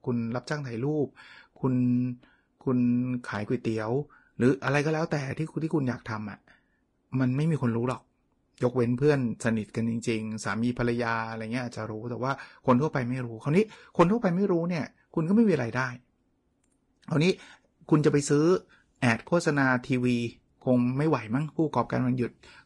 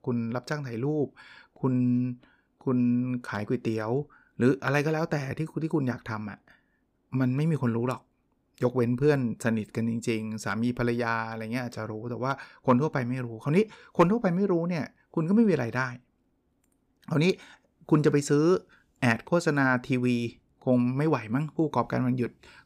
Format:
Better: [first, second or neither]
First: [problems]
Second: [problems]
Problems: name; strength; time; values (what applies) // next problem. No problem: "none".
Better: second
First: garbled, watery; slightly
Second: none